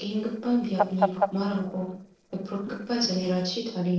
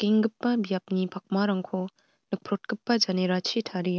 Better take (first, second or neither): second